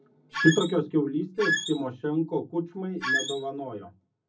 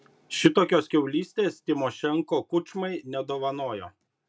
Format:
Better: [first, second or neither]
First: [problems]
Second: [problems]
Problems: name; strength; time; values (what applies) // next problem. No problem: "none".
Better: second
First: background sound (Squeak); 1 dB below the speech // room echo; dies away in 0.4 s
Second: none